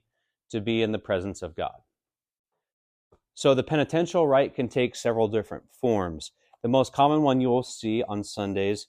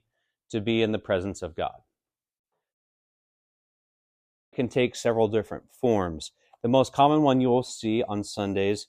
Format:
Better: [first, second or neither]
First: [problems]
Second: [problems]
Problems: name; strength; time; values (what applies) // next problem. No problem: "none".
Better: first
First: none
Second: audio freezing; at 3 s for 1.5 s